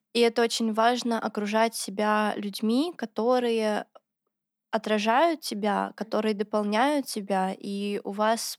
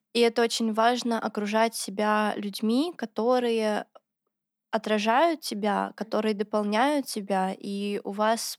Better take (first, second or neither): neither